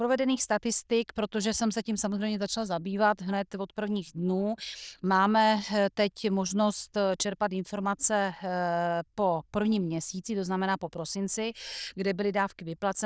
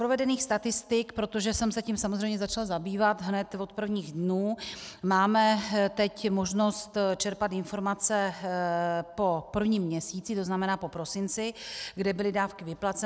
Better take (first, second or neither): second